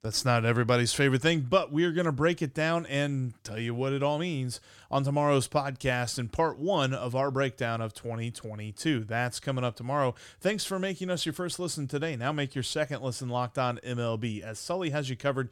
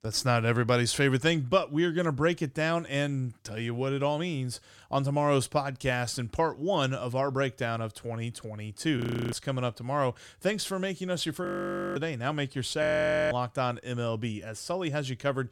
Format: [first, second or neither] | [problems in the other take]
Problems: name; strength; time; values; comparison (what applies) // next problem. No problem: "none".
first | audio freezing; at 9 s, at 11 s for 0.5 s and at 13 s